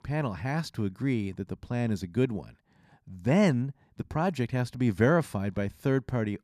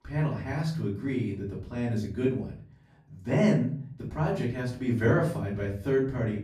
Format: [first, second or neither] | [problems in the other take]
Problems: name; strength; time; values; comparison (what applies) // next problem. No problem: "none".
first | room echo; slight; dies away in 0.4 s // off-mic speech; far